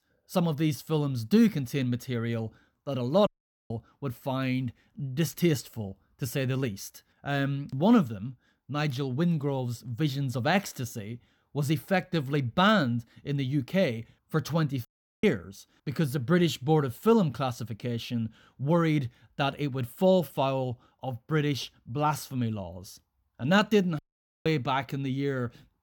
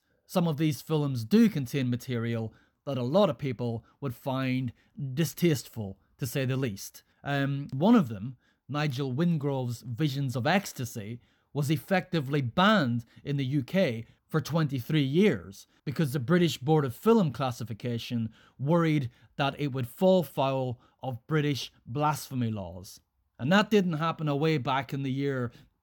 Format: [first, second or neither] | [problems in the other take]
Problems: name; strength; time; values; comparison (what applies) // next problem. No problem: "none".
second | audio cutting out; at 3.5 s, at 15 s and at 24 s